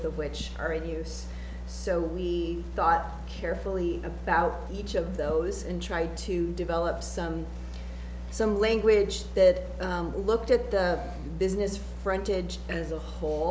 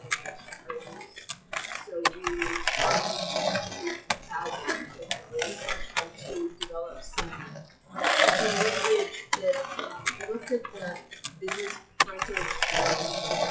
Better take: first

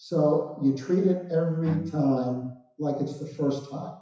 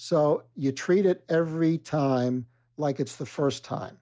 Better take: second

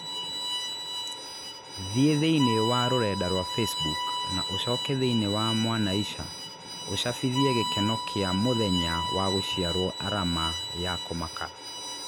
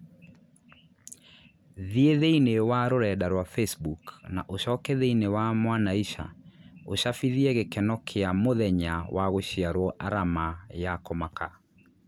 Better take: second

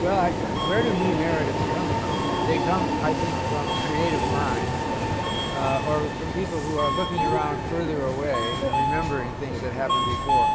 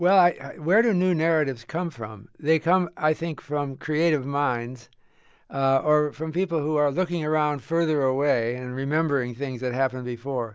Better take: second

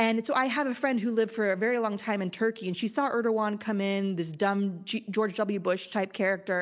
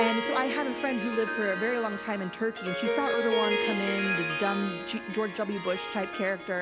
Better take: first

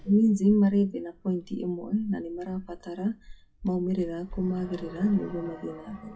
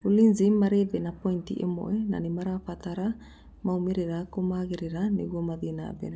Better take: second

